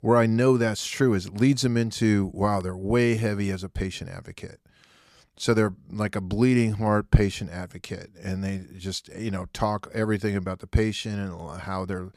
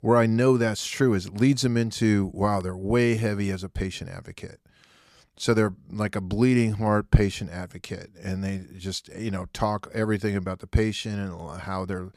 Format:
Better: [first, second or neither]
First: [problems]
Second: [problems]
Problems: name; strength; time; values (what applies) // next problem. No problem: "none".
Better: neither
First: none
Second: none